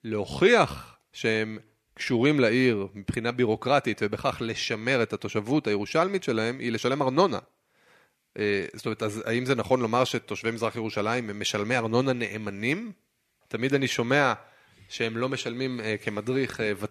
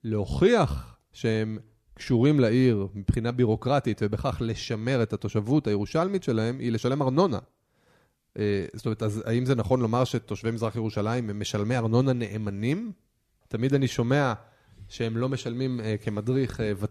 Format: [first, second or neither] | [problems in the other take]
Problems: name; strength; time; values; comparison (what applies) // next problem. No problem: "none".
second | thin; very slightly; fading below 400 Hz